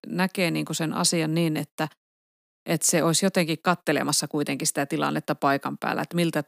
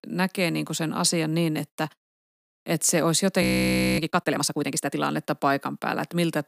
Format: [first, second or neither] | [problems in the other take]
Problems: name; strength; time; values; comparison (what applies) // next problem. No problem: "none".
first | audio freezing; at 3.5 s for 0.5 s